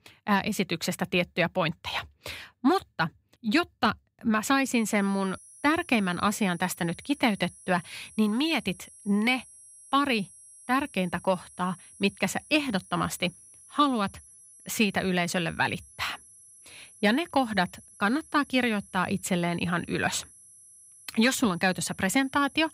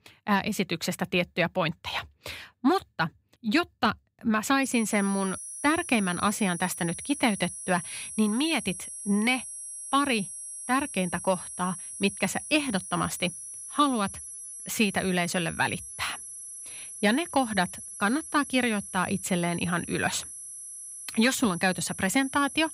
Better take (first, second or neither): first